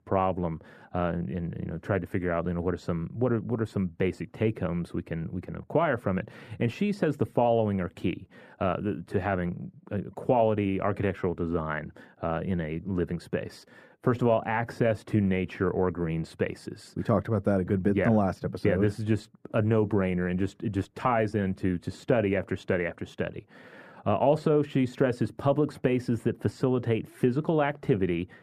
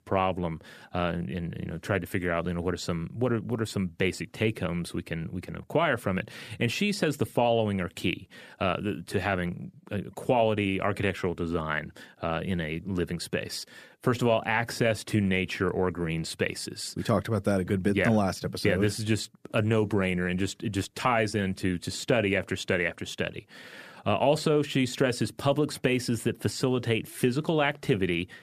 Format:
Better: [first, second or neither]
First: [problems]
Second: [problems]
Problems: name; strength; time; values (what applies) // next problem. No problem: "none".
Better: second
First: muffled; slightly; fading above 2 kHz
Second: none